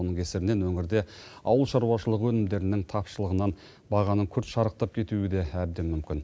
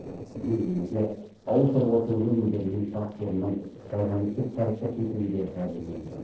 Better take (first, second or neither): first